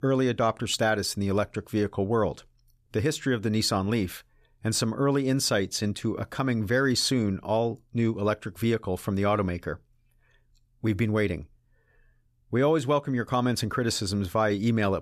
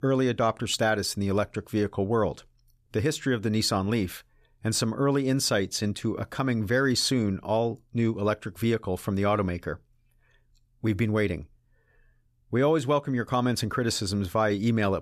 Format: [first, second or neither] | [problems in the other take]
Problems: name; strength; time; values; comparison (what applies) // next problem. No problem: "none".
neither | none